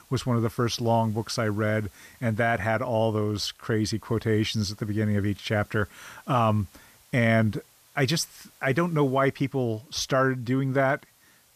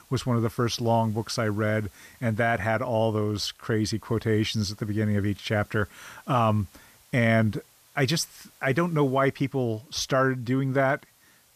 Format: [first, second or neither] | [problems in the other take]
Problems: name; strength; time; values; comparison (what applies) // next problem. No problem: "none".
neither | hiss; faint; throughout; 30 dB below the speech; the same in both